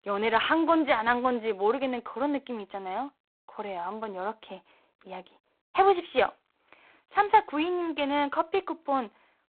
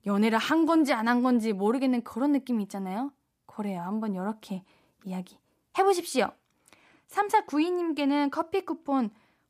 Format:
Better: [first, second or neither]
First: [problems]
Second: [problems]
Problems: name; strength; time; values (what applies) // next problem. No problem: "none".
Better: second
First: phone-call audio; poor line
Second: none